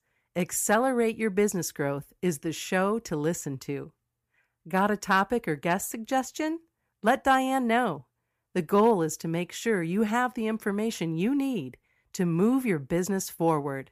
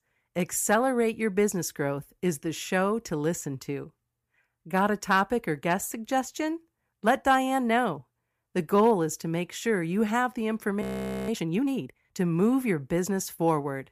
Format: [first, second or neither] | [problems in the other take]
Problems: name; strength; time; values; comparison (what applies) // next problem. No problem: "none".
first | audio freezing; at 11 s